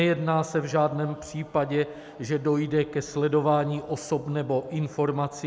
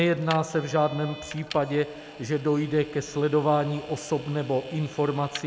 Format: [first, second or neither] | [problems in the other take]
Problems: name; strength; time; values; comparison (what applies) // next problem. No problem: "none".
first | background sound (Vehicle); 18 dB below the speech